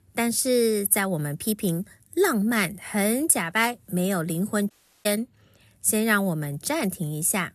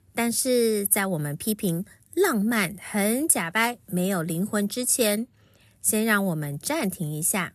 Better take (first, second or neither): second